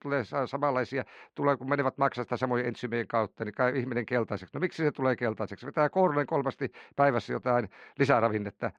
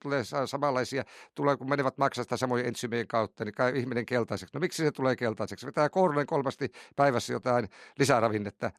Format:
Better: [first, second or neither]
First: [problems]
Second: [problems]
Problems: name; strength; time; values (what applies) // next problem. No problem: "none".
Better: second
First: muffled; slightly; fading above 2.5 kHz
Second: none